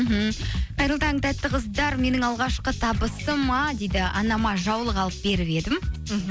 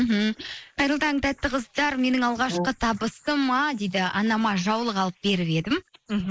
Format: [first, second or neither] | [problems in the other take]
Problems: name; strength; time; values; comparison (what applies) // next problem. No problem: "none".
first | noise reduction (neural mask model Resemble Enhance denoiser)